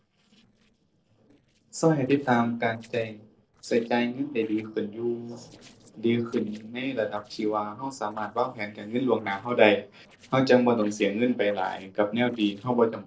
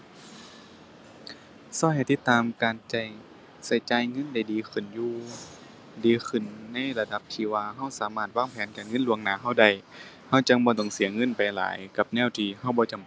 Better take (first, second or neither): second